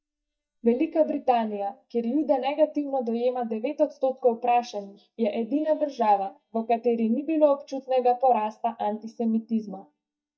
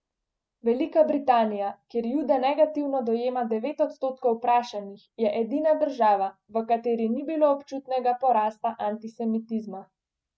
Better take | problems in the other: second | noise reduction (neural mask model DeepFilterNet 3)

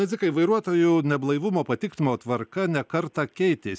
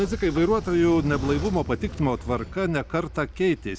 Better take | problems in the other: first | background sound (Sliding door / Train); 10 dB below the speech

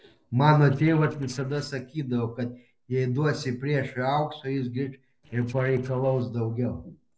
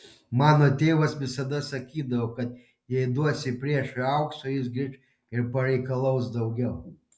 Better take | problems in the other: second | noise reduction (neural separator model SepFormer DNS4)

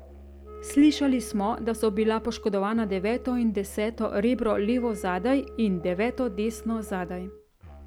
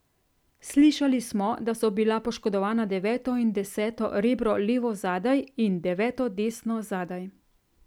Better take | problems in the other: second | background sound (Musical instrument + Wind instrument, woodwind instrument); 15 dB below the speech

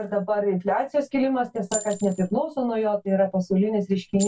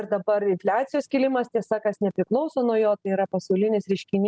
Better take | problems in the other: second | background sound (Chink, clink); 16 dB below the speech // room echo; dies away in 0.1 s

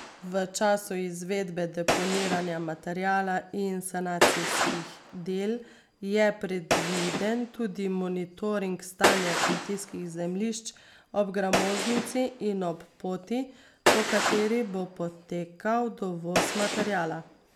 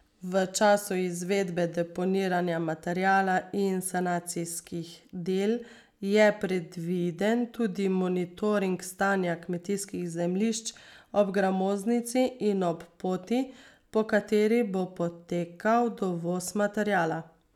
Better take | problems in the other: second | background sound (Gunshot, gunfire); 2 dB below the speech

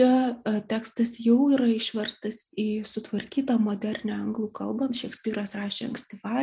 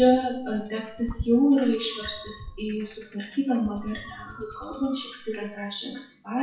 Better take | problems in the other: first | noise reduction (classical method WPE with log-MMSE)

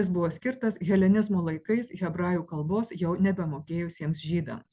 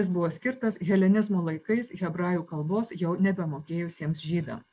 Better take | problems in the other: first | noise reduction (neural mask model Resemble Enhance denoiser)

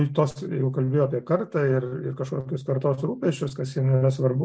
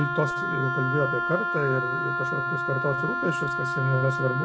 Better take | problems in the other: first | background sound (Wind instrument, woodwind instrument); as loud as the speech

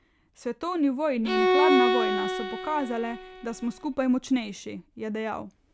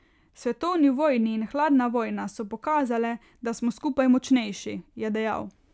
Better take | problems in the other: second | background sound (Bowed string instrument); 2 dB above the speech

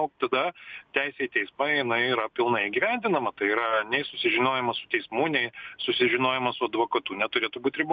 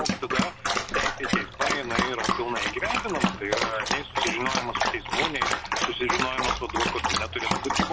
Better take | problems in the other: first | background sound (Dog); 4 dB above the speech

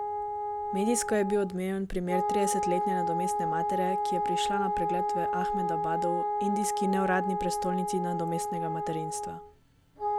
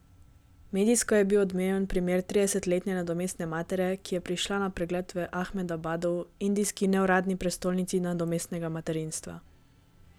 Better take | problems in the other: second | background sound (Wind instrument, woodwind instrument); 1 dB above the speech

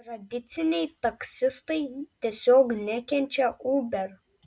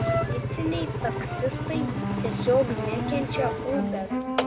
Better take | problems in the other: first | background sound (Engine); 2 dB above the speech

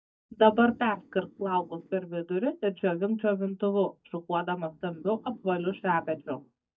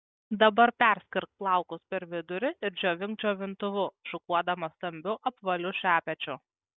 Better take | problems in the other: second | noise reduction (neural mask model DeepFilterNet 3)

